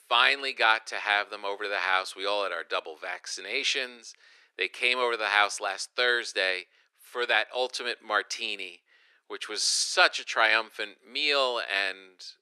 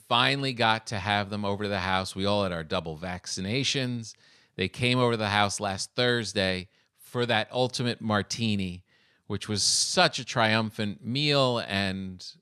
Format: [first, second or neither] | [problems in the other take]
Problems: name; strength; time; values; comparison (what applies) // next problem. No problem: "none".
second | thin; very; fading below 350 Hz